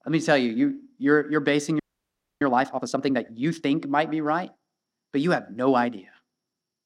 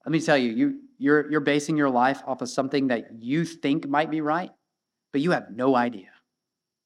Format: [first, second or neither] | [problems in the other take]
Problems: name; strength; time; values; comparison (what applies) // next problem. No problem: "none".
second | audio freezing; at 2 s for 0.5 s